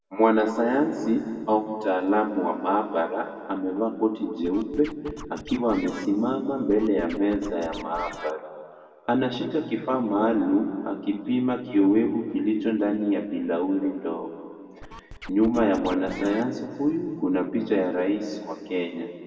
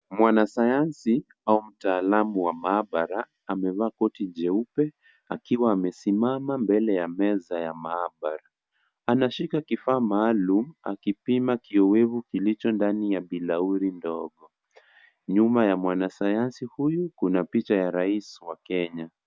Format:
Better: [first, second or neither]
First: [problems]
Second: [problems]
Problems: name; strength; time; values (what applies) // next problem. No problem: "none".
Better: second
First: background sound (Scratching (performance technique)); 16 dB below the speech // room echo; dies away in 1.7 s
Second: none